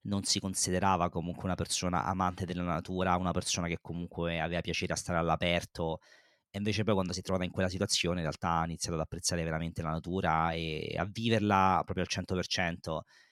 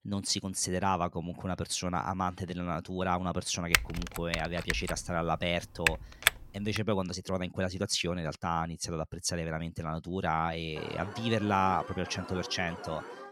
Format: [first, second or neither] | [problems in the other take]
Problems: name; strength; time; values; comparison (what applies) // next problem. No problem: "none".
first | keyboard typing; loud; from 3.5 to 7 s; peak 5 dB above the speech // alarm; faint; from 11 s on; peak 10 dB below the speech